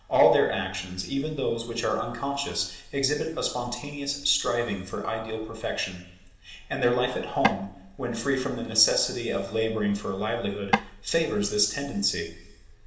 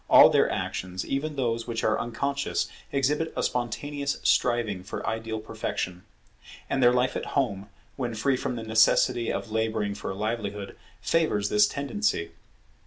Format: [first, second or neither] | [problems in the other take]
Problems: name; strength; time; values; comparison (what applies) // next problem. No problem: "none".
second | background sound (Tap / Wood); 1 dB below the speech // room echo; dies away in 0.9 s